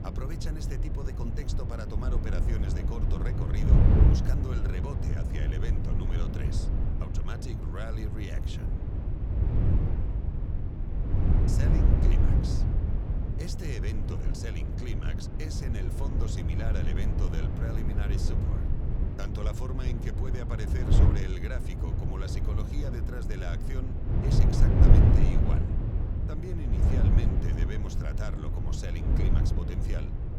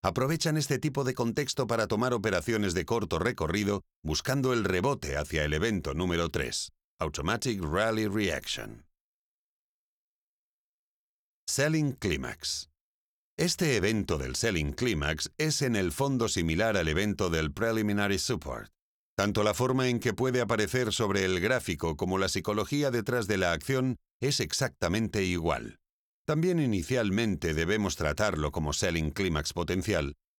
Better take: second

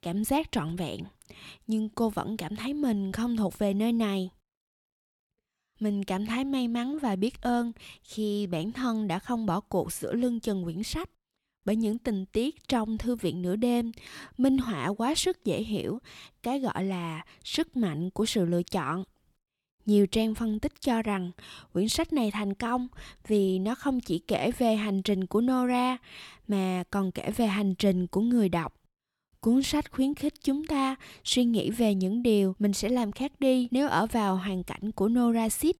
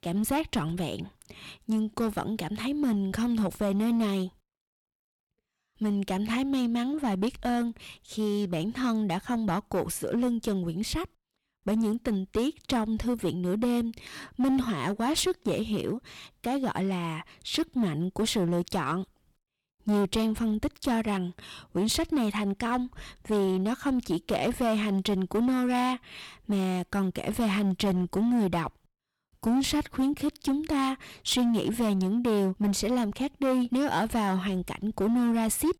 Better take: first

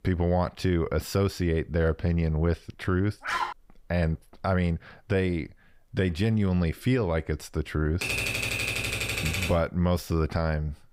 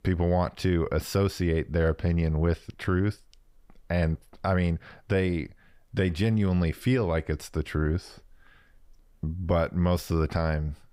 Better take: second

